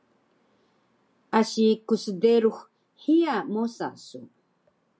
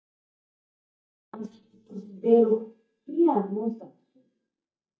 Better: first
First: none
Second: noise reduction (neural mask model DeepFilterNet 3)

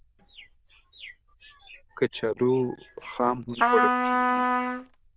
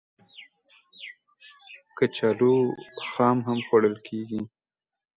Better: second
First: noise reduction (neural diffusion model UNIVERSE++)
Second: none

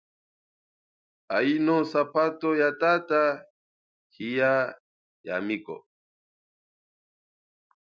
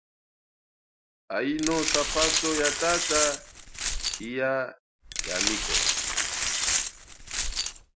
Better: first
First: none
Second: background sound (Glass); 3 dB above the speech

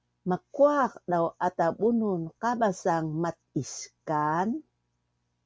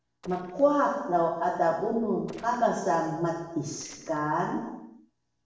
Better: first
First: none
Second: noise reduction (neural separator model SepFormer DNS4)

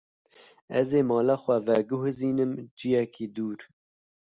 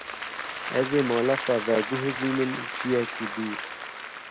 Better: first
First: none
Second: background sound (Applause); 6 dB below the speech

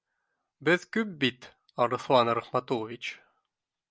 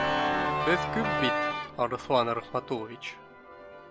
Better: first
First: none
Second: background sound (Organ); 1 dB above the speech

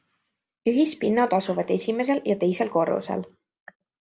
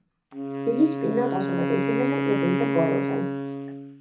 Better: first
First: none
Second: background sound (Wind instrument, woodwind instrument); as loud as the speech // room echo; dies away in 0.3 s

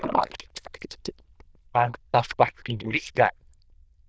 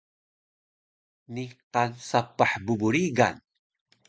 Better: second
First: noise reduction (neural diffusion model UNIVERSE++)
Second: none

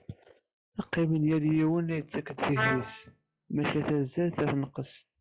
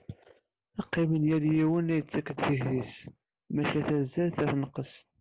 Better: second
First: noise reduction (classical method log-MMSE)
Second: none

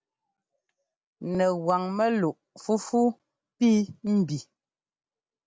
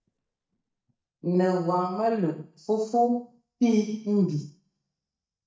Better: first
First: none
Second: noise reduction (neural mask model DeepFilterNet 3)

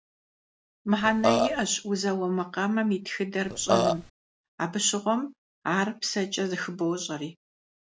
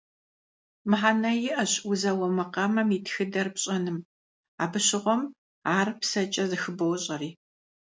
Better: second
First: background sound (Burping, eructation); 3 dB above the speech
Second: none

